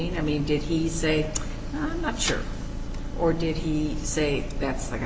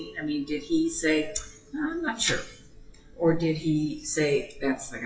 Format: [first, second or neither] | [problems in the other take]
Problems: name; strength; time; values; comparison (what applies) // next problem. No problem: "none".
first | noise reduction (classical method WPE with log-MMSE)